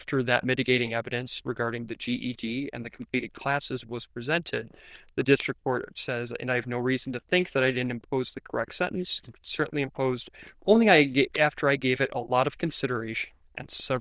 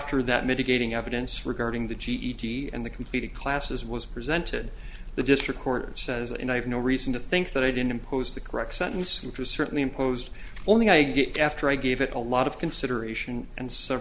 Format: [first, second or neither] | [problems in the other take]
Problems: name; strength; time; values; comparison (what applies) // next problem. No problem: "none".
second | noise reduction (neural diffusion model UNIVERSE++)